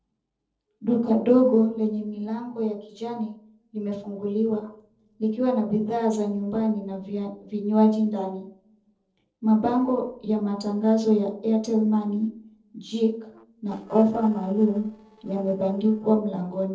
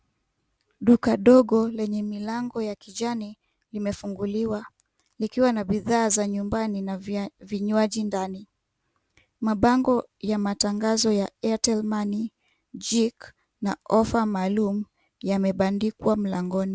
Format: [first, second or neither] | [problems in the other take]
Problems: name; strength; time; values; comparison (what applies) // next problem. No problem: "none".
second | noise reduction (neural separator model SepFormer DNS4)